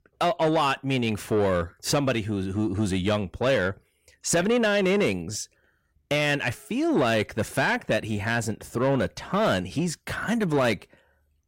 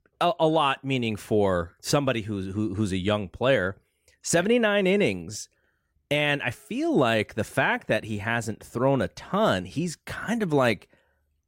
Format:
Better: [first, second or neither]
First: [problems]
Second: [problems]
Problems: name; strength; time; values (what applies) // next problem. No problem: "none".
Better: second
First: distortion; slight; 10 dB below the speech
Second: none